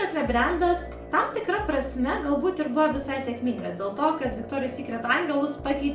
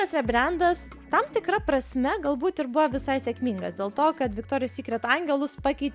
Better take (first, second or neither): second